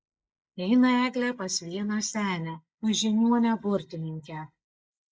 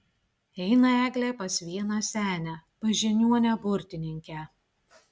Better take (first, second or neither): second